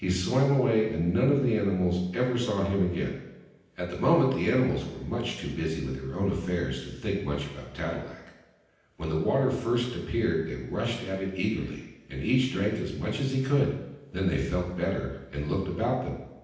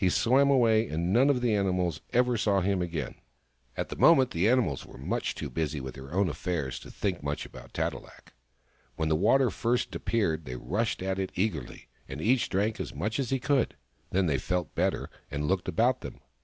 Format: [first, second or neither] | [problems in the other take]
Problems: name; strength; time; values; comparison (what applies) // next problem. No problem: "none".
second | room echo; dies away in 0.9 s